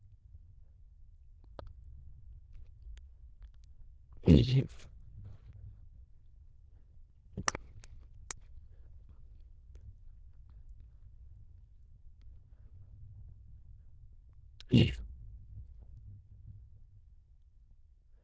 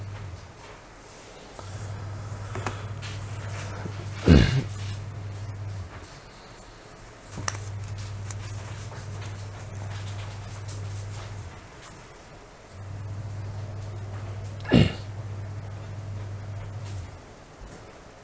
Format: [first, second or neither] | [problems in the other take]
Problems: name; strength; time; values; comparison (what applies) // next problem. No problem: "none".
second | noise reduction (neural diffusion model UNIVERSE++)